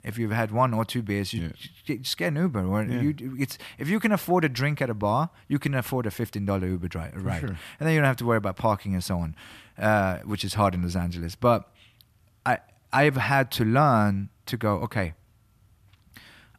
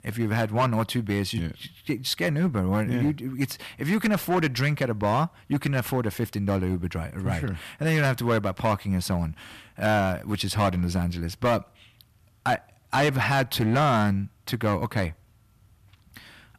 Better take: first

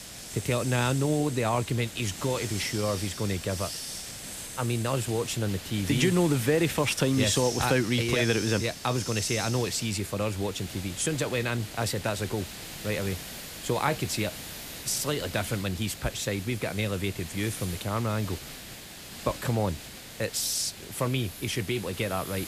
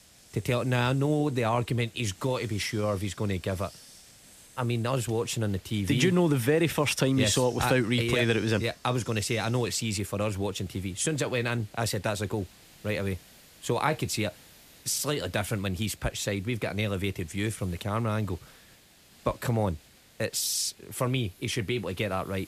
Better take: second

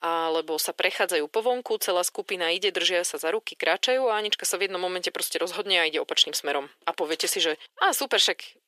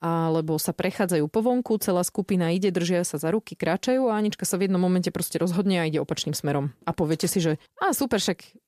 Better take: second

